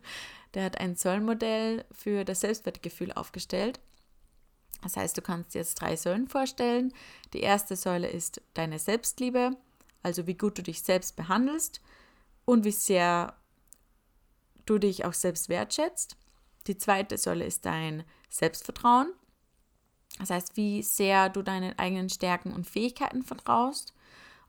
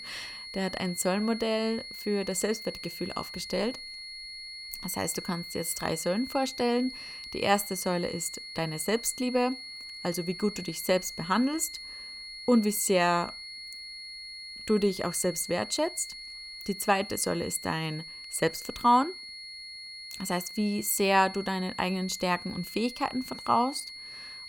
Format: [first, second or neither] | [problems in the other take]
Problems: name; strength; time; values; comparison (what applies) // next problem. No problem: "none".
first | high-pitched whine; noticeable; throughout; 4.5 kHz, 10 dB below the speech